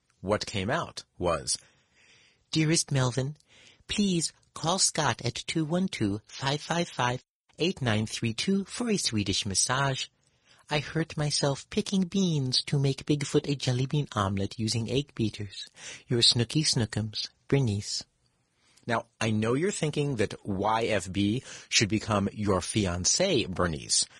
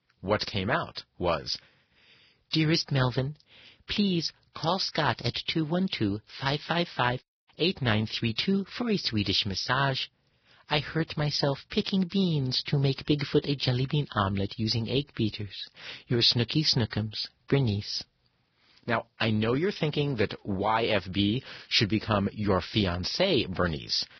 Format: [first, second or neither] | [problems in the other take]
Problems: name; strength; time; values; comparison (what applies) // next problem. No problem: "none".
first | garbled, watery; badly; nothing above 5.5 kHz; slightly in the first